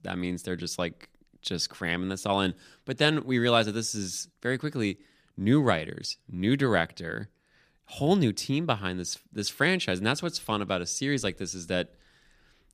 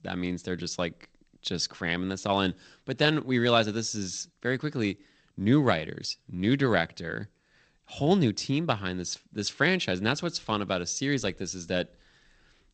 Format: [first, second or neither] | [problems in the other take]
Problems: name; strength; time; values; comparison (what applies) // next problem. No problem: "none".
first | garbled, watery; slightly